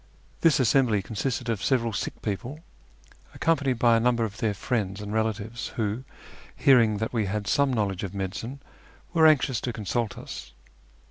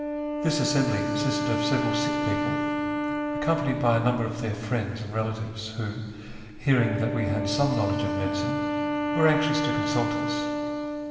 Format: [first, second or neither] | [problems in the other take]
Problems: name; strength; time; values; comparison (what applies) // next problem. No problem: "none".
first | background sound (Wind instrument, woodwind instrument); 1 dB below the speech // room echo; dies away in 2.6 s